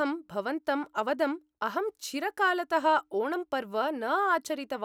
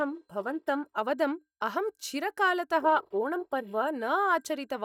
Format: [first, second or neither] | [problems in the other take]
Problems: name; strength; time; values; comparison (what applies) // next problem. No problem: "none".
first | noise reduction (neural mask model DeepFilterNet 3)